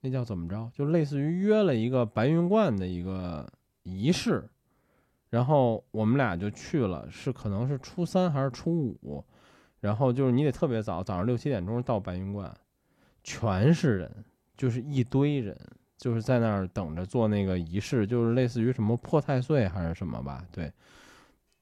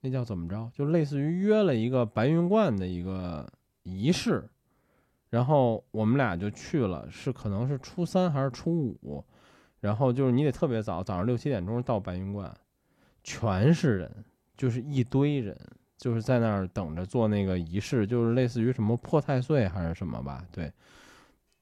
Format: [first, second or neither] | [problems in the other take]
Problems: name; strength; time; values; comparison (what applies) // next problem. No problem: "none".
neither | none